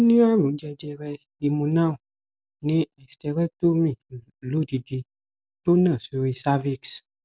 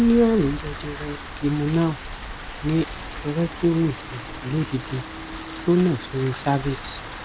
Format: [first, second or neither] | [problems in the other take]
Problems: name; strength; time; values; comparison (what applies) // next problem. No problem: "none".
first | background sound (Rain); 11 dB below the speech